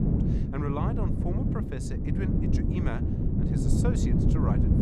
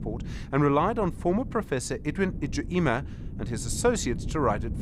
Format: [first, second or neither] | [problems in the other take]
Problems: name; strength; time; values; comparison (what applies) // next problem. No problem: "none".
second | wind noise on the microphone; heavy; 2 dB above the speech; occasional gusts in the second